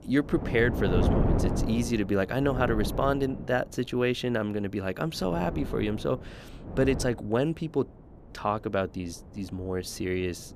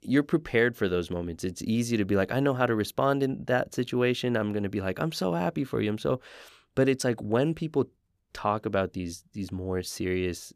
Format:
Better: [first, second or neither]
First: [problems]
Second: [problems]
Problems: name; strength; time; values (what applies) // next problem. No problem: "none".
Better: second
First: wind noise on the microphone; heavy; 8 dB below the speech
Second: none